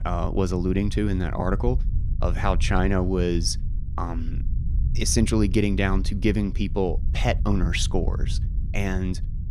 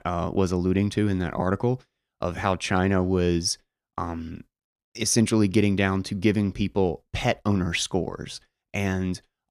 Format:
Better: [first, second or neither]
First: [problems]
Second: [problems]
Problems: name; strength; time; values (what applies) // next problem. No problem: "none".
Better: second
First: low rumble; noticeable; throughout; 20 dB below the speech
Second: none